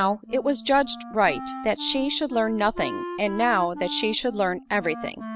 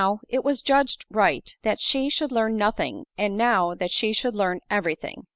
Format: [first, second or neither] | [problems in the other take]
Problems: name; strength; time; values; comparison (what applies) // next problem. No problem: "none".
second | background sound (Wind instrument, woodwind instrument); 12 dB below the speech